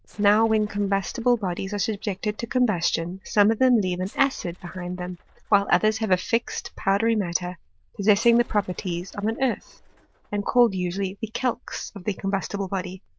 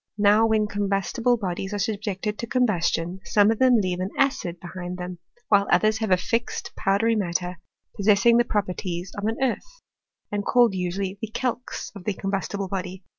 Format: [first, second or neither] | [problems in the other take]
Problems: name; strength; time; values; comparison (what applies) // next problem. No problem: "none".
second | noise reduction (neural diffusion model UNIVERSE++)